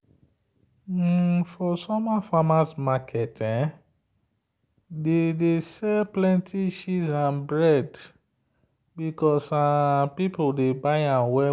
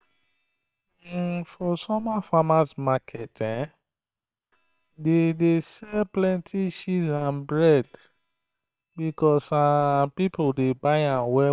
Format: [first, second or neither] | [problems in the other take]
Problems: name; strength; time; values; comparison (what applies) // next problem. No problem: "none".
first | noise reduction (neural separator model SepFormer WHAM!)